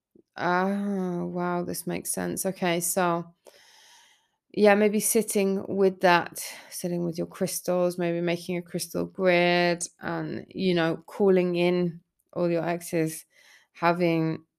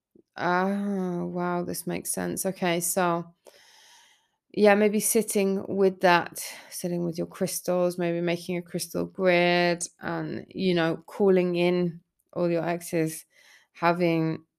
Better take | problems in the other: neither | none

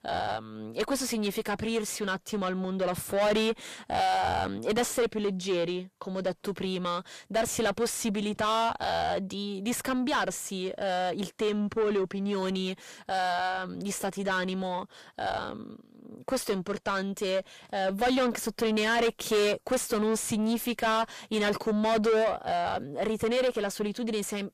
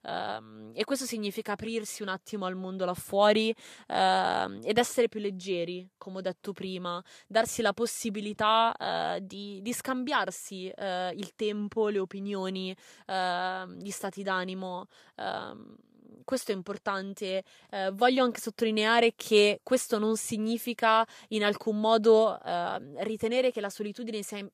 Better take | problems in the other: second | distortion; heavy; 5 dB below the speech

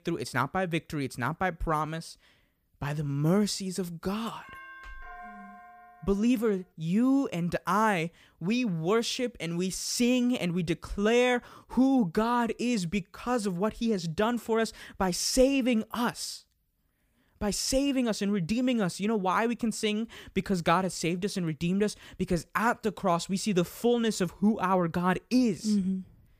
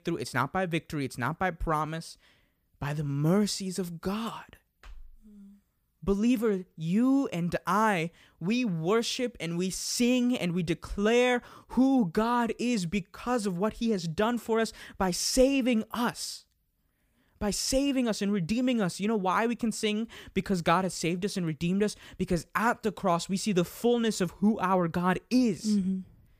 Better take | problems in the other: second | doorbell; faint; from 4.5 to 6.5 s; peak 15 dB below the speech

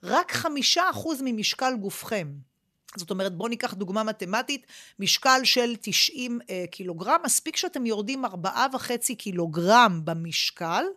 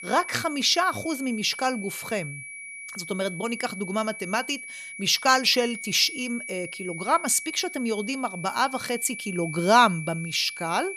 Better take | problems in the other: first | high-pitched whine; noticeable; throughout; 2.5 kHz, 10 dB below the speech

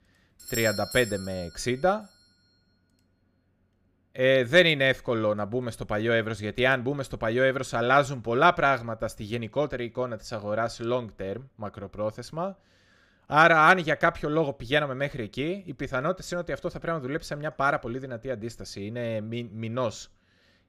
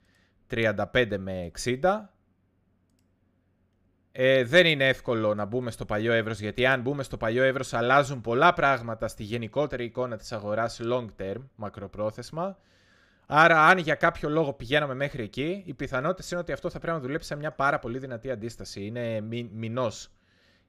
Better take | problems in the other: second | doorbell; noticeable; until 1.5 s; peak 7 dB below the speech

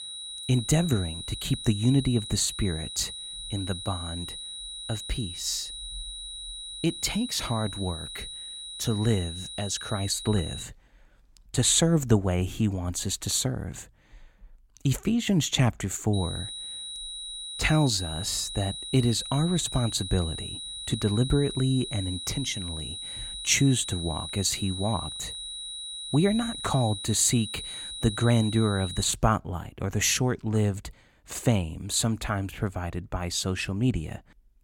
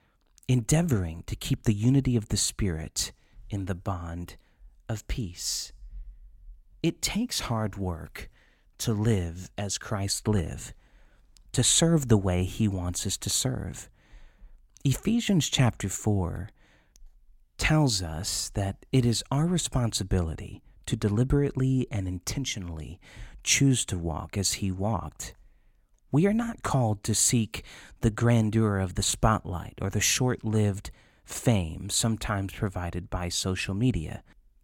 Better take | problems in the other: second | high-pitched whine; loud; until 11 s and from 16 to 29 s; 4 kHz, 8 dB below the speech

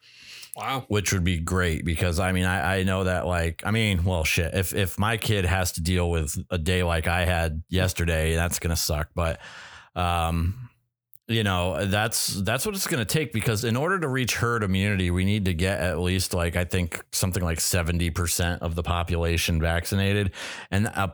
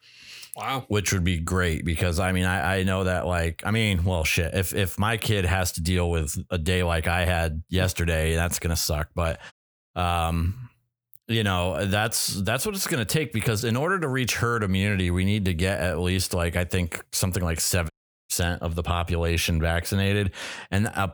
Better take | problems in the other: first | audio cutting out; at 9.5 s and at 18 s

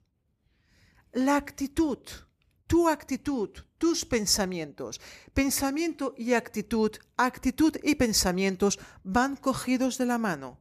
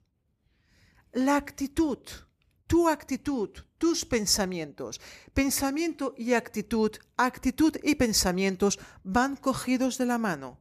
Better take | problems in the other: neither | none

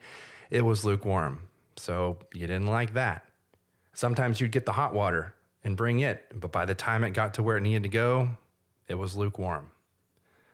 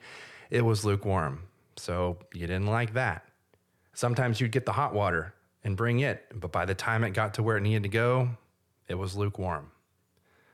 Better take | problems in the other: second | garbled, watery; slightly

